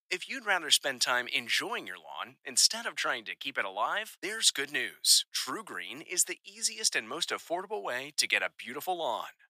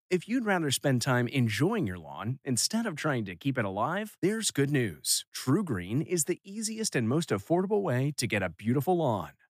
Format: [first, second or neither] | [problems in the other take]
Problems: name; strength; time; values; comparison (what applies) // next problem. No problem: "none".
second | thin; very; fading below 750 Hz